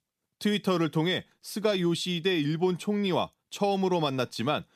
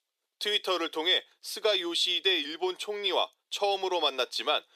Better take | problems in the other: first | thin; very; fading below 400 Hz

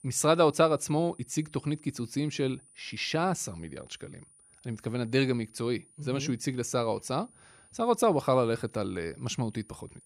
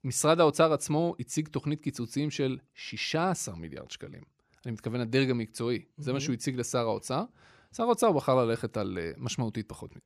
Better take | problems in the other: second | high-pitched whine; faint; throughout; 9.5 kHz, 25 dB below the speech

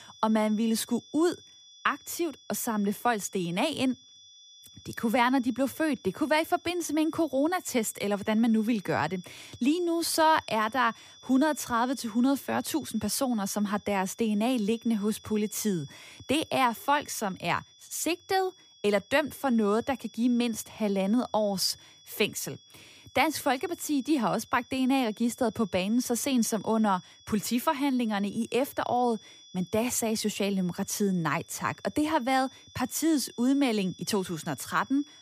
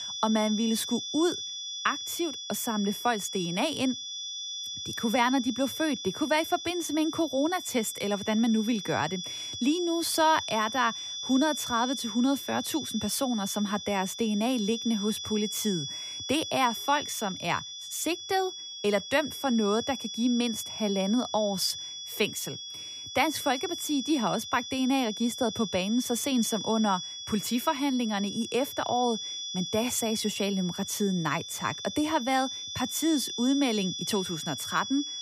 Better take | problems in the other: first | high-pitched whine; loud; throughout; 3.5 kHz, 6 dB below the speech; faint in the first

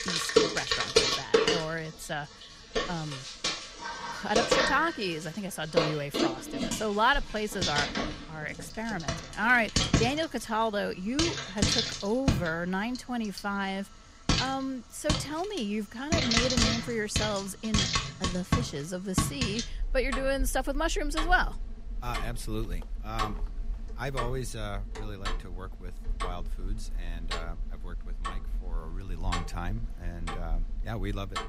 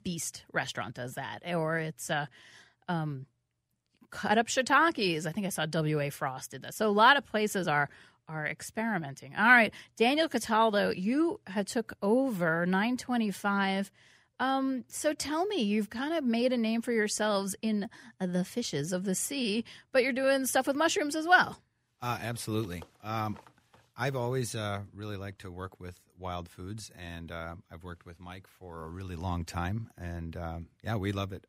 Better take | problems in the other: second | household noises; very loud; throughout; 1 dB above the speech

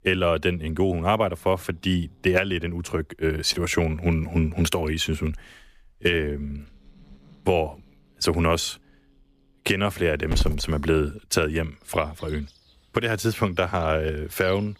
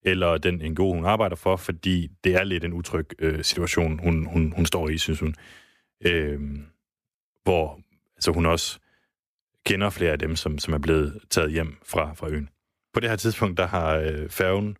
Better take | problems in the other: second | animal sounds; noticeable; throughout; 15 dB below the speech

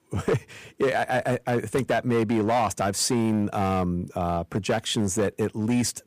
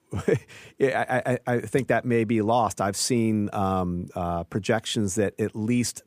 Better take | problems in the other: second | distortion; slight; 8% of the sound clipped

